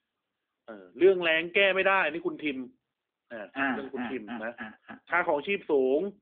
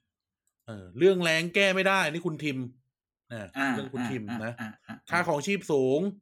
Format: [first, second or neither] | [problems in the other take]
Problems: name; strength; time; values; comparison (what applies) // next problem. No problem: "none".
second | phone-call audio